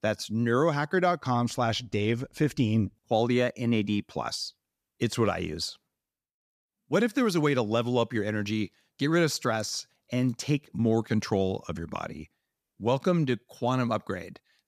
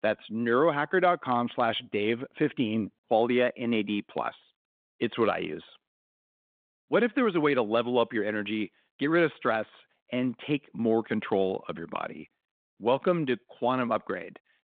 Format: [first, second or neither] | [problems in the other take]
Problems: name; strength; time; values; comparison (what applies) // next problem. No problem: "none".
first | phone-call audio